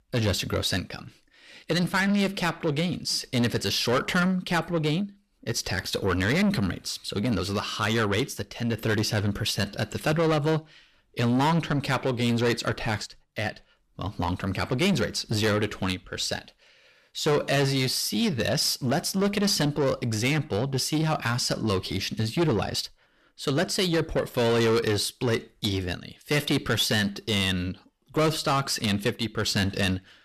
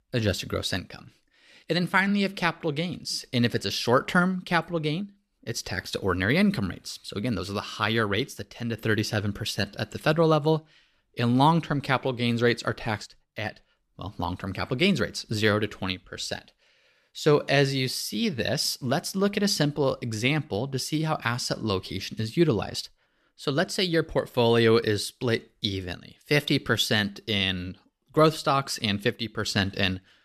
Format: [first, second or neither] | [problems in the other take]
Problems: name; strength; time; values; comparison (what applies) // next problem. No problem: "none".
second | distortion; heavy; 8 dB below the speech